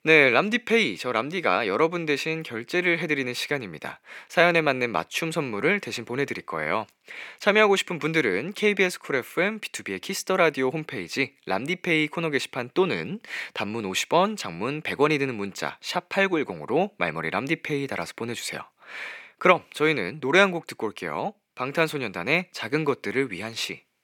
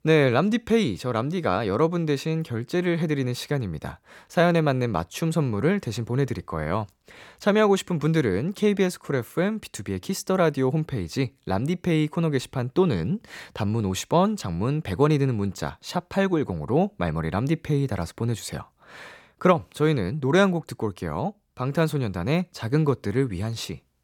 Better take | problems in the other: second | thin; somewhat; fading below 250 Hz

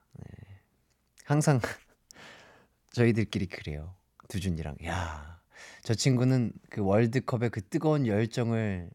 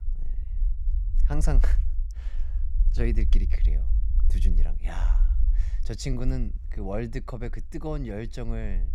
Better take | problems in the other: first | low rumble; noticeable; throughout; 15 dB below the speech

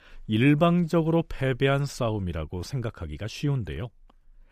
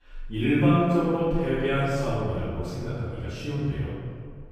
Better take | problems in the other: first | off-mic speech; far // room echo; strong; dies away in 1.8 s

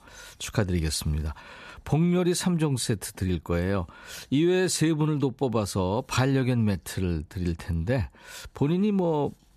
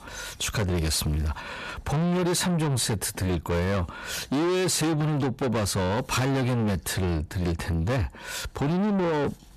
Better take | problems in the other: first | distortion; heavy; 6 dB below the speech

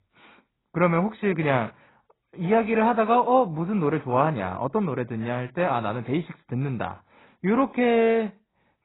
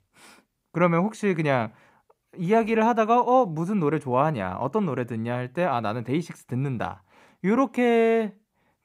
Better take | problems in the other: second | garbled, watery; badly; nothing above 4 kHz

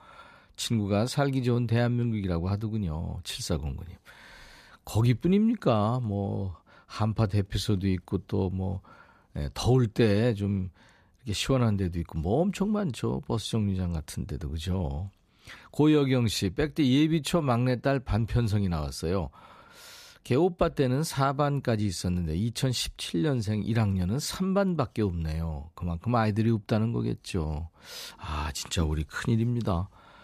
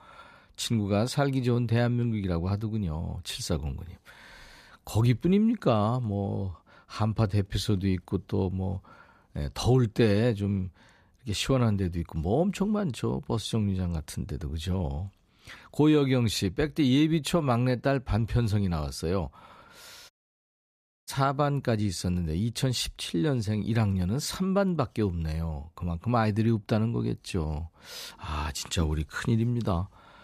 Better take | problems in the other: first | audio cutting out; at 20 s for 1 s

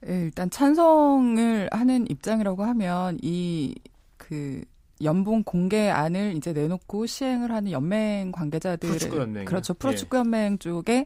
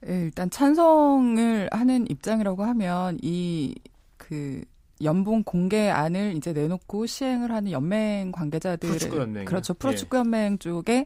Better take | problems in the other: neither | none

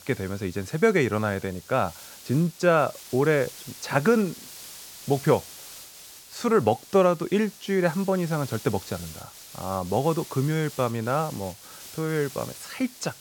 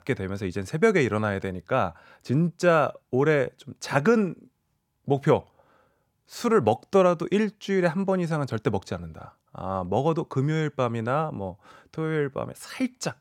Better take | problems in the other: second | hiss; noticeable; throughout; 15 dB below the speech

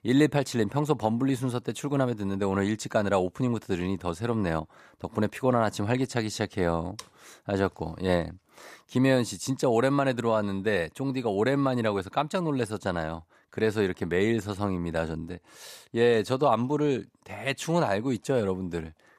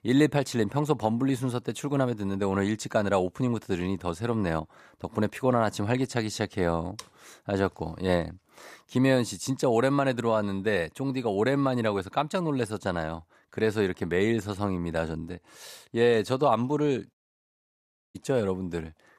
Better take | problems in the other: first | audio cutting out; at 17 s for 1 s

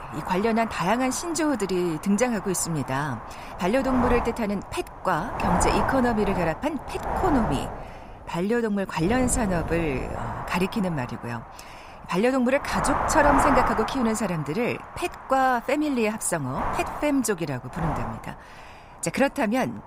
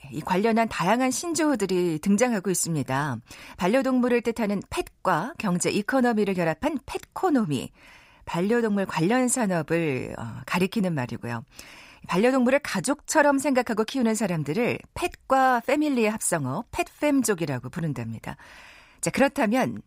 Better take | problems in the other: second | wind noise on the microphone; heavy; 2 dB below the speech

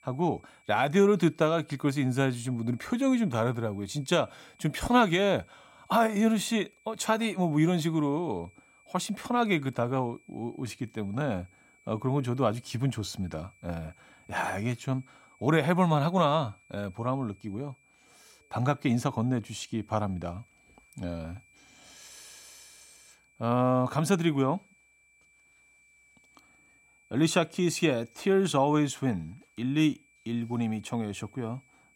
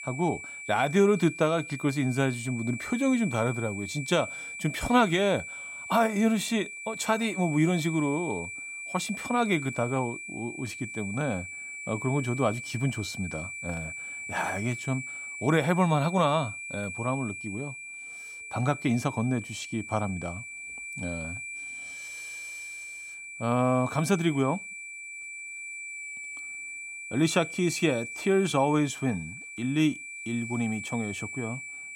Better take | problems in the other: first | high-pitched whine; loud; throughout; 2.5 kHz, 9 dB below the speech; faint in the first

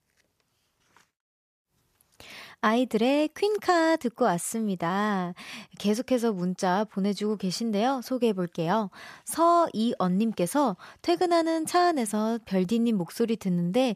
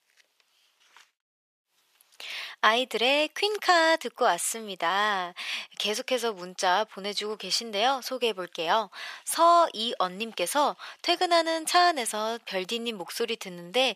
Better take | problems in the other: first | thin; very; fading below 550 Hz

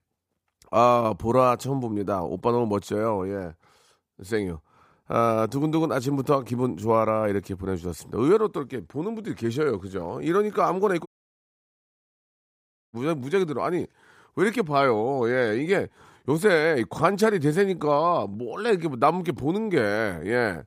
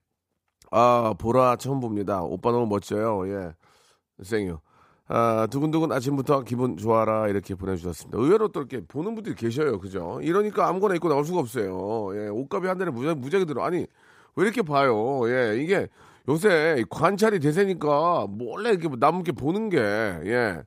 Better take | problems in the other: second | audio cutting out; at 11 s for 2 s

